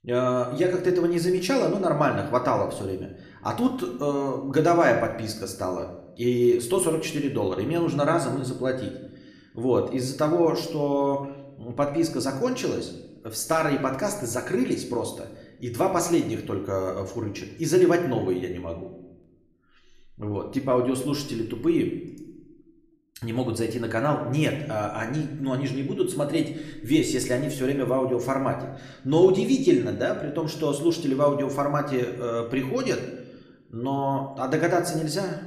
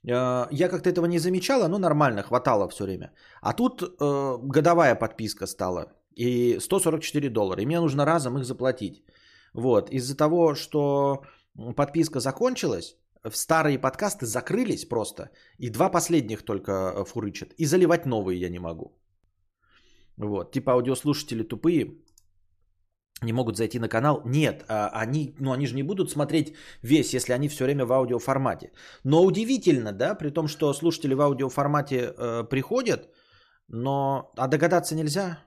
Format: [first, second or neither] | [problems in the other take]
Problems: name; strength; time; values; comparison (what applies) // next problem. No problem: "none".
second | room echo; slight; dies away in 0.7 s